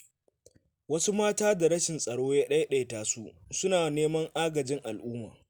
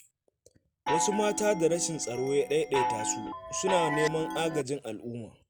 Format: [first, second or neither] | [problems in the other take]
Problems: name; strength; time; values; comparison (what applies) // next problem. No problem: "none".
first | background sound (Chime); 3 dB below the speech